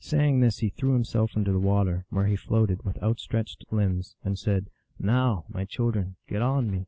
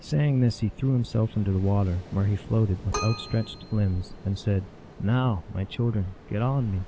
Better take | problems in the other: first | background sound (Keyboard (musical) + Ocean); 16 dB below the speech

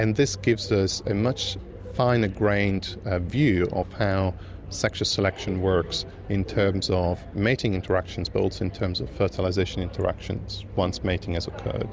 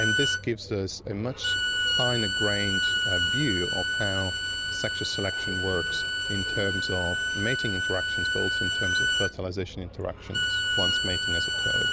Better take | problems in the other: first | background sound (Bowed string instrument); 4 dB above the speech

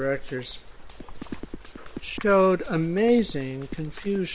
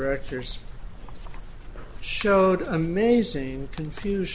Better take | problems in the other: second | noise reduction (neural separator model SepFormer WHAM!)

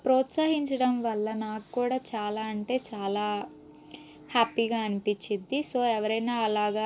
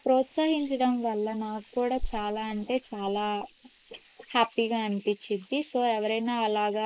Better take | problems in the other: first | noise reduction (neural mask model Resemble Enhance denoiser)

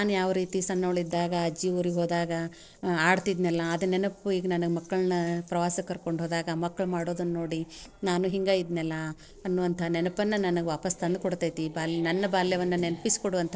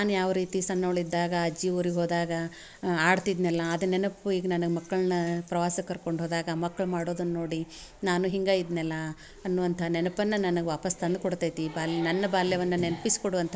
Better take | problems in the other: second | noise reduction (neural separator model SepFormer DNS4)

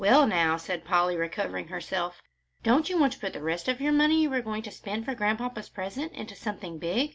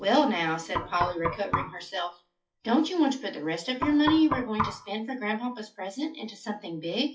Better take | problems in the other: first | noise reduction (classical method WPE with log-MMSE)

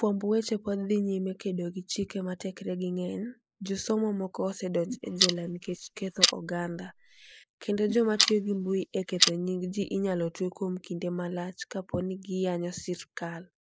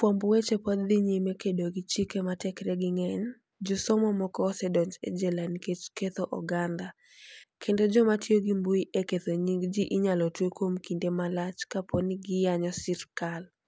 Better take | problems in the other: second | noise reduction (neural mask model Resemble Enhance denoiser)

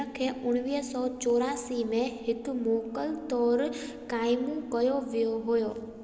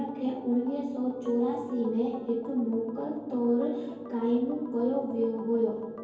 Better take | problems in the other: first | background sound (Organ); 17 dB below the speech // room echo; dies away in 2.4 s

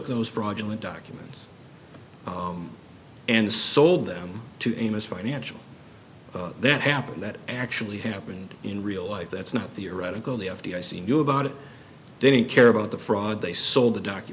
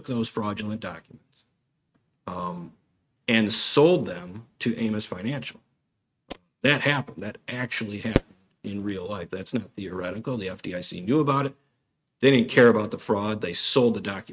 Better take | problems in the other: first | noise reduction (neural mask model RNNoise)

